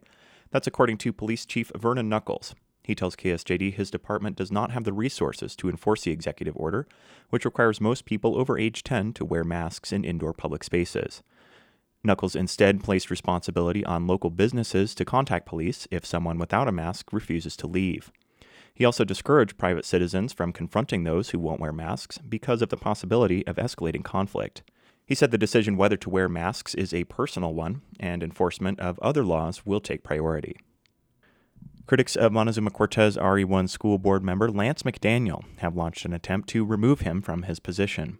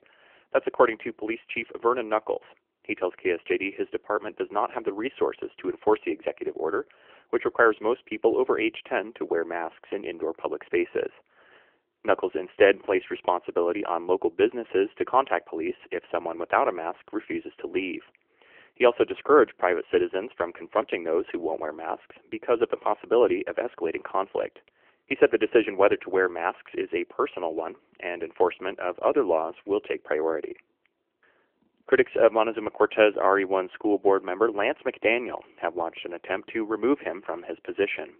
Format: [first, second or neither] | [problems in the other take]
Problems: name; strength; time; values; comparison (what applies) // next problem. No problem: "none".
first | phone-call audio; nothing above 3 kHz